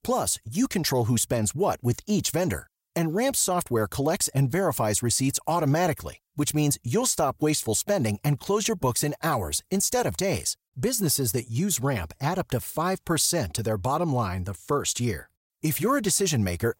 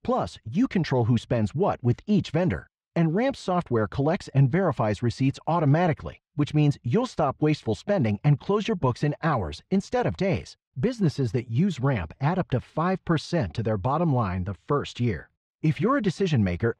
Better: first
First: none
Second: muffled; very; fading above 3 kHz

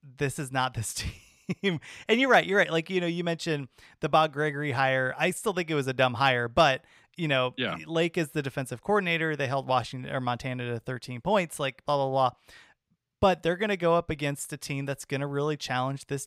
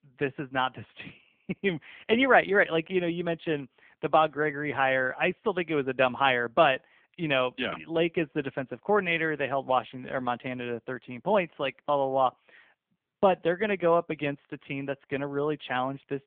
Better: first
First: none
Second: phone-call audio; poor line; nothing above 3.5 kHz

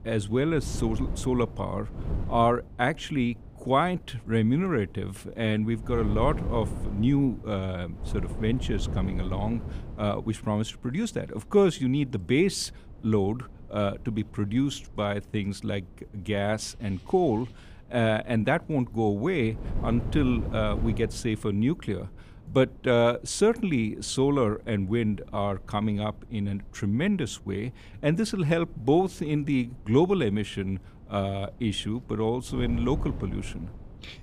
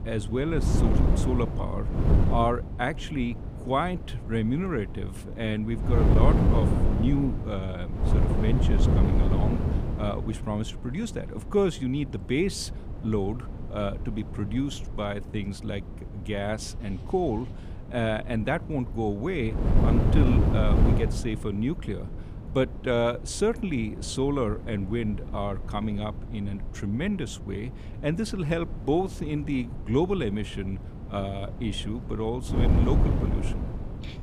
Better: first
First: wind noise on the microphone; occasional gusts; 20 dB below the speech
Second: wind noise on the microphone; heavy; 6 dB below the speech

